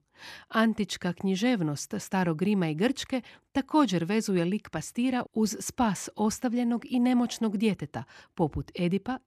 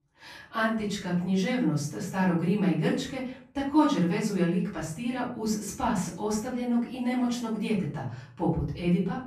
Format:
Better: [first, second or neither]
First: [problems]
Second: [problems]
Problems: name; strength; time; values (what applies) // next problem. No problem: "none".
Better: first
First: none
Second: off-mic speech; far // room echo; noticeable; dies away in 0.5 s